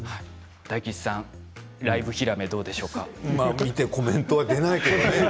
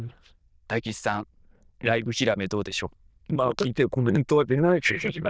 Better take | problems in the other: first | noise reduction (neural diffusion model UNIVERSE++)

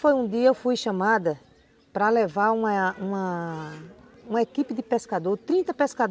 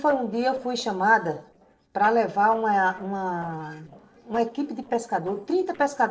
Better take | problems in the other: first | noise reduction (neural separator model SepFormer DNS4)

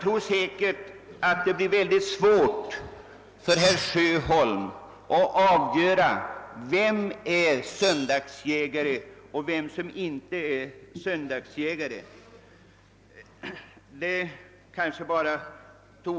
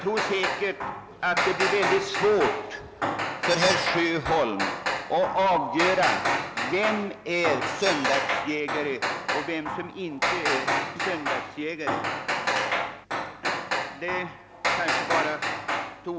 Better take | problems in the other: first | background sound (Hammer); as loud as the speech

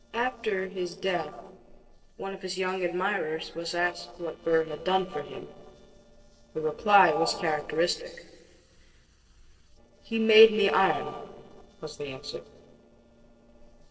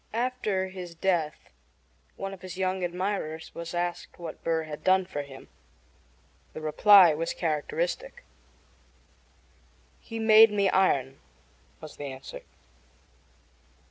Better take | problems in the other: second | noise reduction (neural separator model SepFormer DNS4)

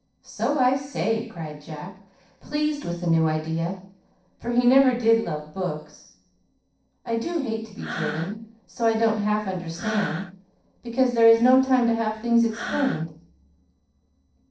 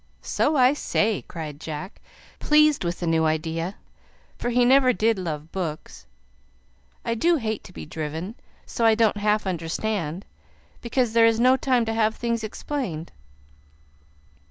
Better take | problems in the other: second | noise reduction (neural separator model SepFormer DNS4)

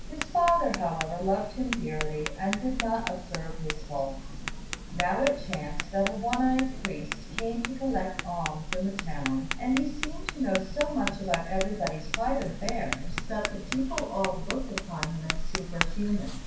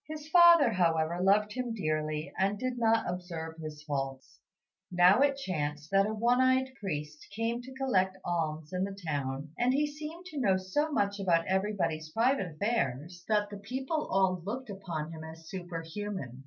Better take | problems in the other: second | background sound (Tap); 3 dB below the speech // room echo; dies away in 0.6 s

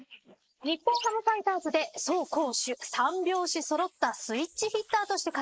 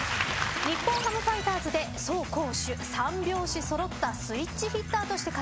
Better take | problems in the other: second | noise reduction (neural mask model Resemble Enhance denoiser)

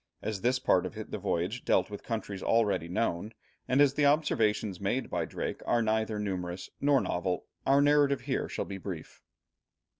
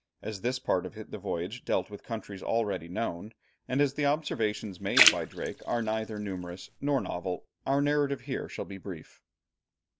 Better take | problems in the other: first | background sound (Splash, splatter); 1 dB below the speech

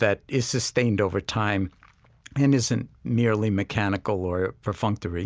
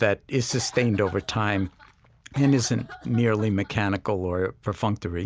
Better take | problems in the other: first | background sound (Cough); 19 dB below the speech

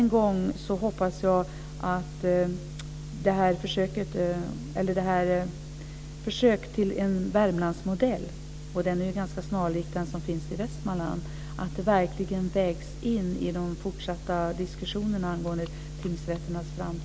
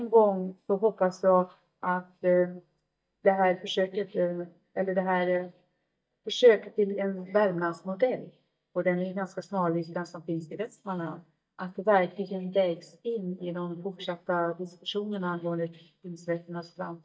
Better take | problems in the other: first | noise reduction (neural mask model DeepFilterNet 3)

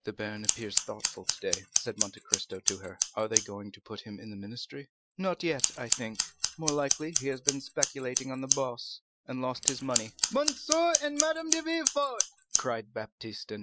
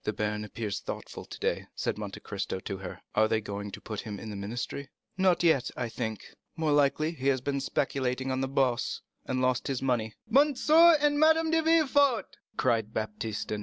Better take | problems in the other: second | noise reduction (classical method Wiener filter)

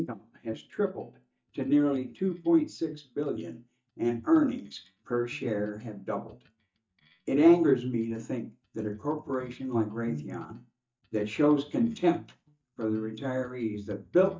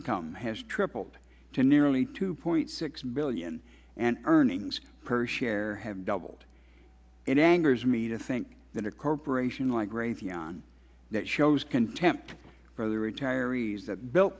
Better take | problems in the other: second | noise reduction (neural mask model DeepFilterNet 3)

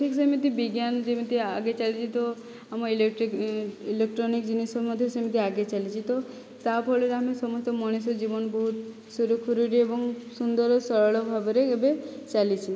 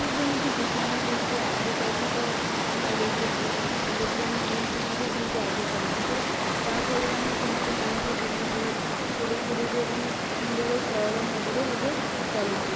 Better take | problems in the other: first | background sound (Water); 5 dB above the speech

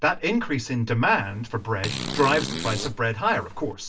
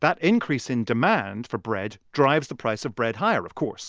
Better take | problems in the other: second | background sound (Fart); 9 dB below the speech // room echo; dies away in 0.2 s

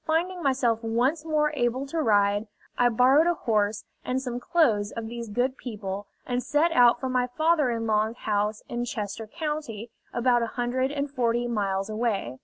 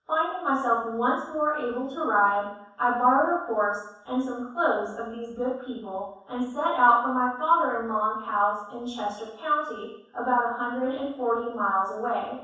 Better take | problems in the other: first | room echo; dies away in 0.7 s

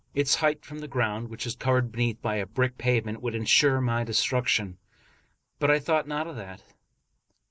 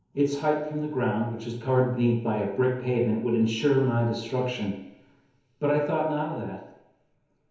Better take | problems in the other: first | room echo; dies away in 0.9 s

